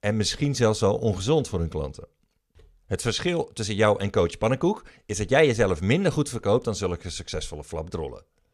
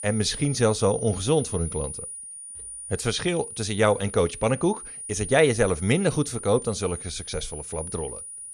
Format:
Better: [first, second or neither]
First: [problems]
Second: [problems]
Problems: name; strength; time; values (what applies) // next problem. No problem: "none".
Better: first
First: none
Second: high-pitched whine; loud; throughout; 9.5 kHz, 10 dB below the speech